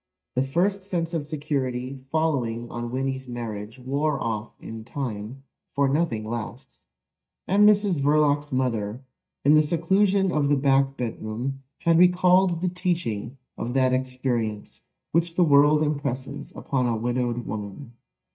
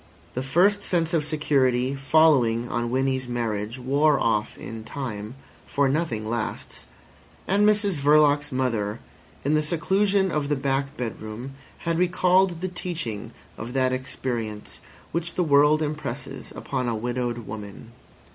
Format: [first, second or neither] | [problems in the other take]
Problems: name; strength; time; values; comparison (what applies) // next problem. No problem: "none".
second | noise reduction (neural mask model DeepFilterNet 3)